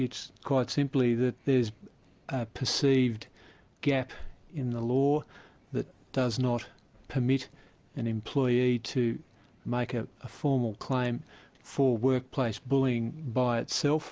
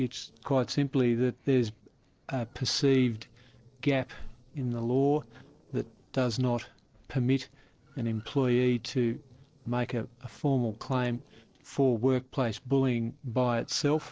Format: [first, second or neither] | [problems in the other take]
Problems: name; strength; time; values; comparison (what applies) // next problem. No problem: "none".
first | noise reduction (neural separator model SepFormer DNS4)